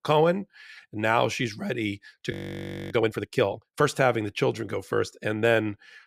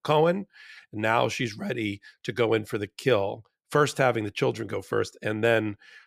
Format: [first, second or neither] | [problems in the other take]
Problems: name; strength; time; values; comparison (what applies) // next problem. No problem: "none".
second | audio freezing; at 2.5 s for 0.5 s